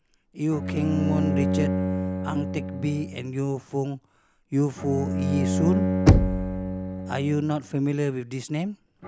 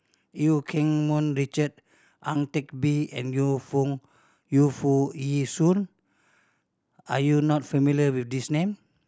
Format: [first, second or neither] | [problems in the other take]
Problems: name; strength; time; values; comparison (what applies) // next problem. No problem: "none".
second | background sound (Knock + Bowed string instrument); 2 dB above the speech